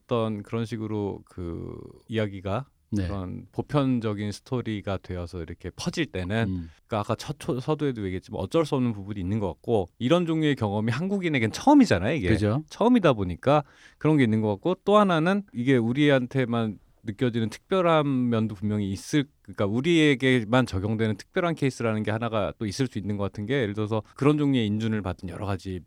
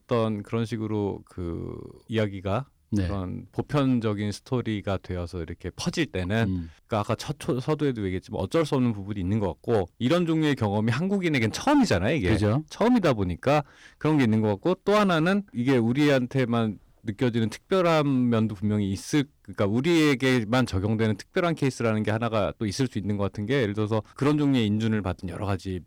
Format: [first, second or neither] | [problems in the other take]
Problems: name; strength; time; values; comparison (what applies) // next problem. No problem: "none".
first | distortion; slight; 5% of the sound clipped